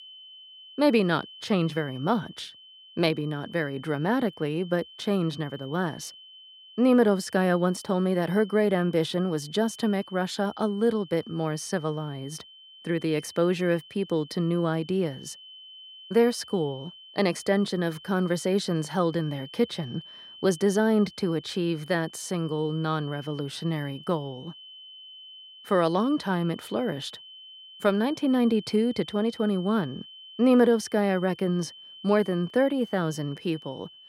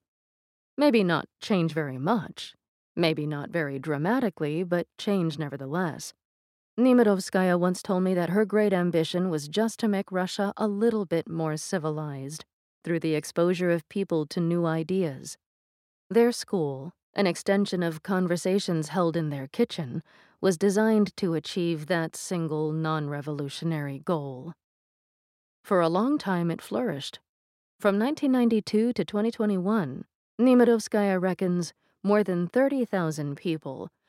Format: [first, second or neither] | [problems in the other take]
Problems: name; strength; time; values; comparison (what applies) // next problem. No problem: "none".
second | high-pitched whine; noticeable; throughout; 3 kHz, 20 dB below the speech